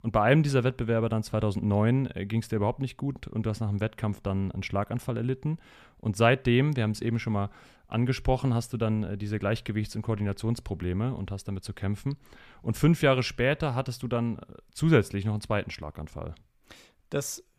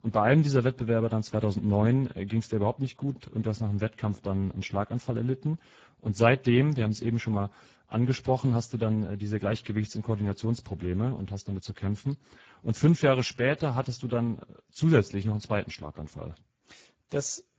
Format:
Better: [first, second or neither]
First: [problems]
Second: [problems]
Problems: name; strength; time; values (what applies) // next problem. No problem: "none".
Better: first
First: none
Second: garbled, watery; badly; nothing above 7.5 kHz